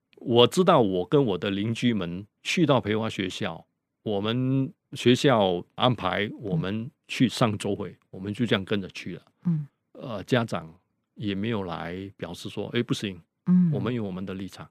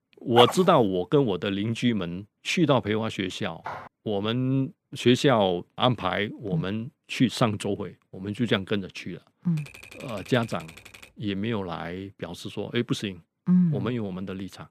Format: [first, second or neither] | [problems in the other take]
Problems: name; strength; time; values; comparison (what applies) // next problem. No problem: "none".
first | dog barking; loud; at 0.5 s; peak level with the speech // footsteps; faint; at 3.5 s; peak 10 dB below the speech // keyboard typing; faint; from 9.5 to 11 s; peak 15 dB below the speech